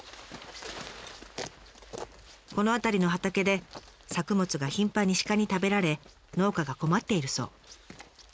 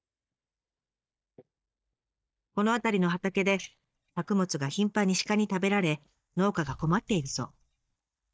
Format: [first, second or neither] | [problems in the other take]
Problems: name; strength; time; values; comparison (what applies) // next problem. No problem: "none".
first | noise reduction (neural mask model DeepFilterNet 3)